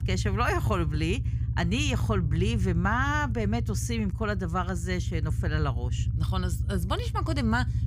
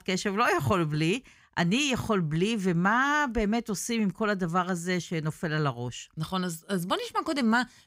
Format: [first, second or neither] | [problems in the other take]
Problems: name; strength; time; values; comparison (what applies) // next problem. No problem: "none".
second | low rumble; noticeable; throughout; 15 dB below the speech